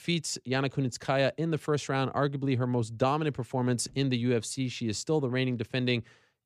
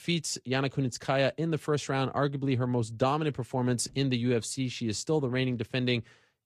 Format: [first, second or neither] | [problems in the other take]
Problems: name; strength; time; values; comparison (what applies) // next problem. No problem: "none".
first | garbled, watery; slightly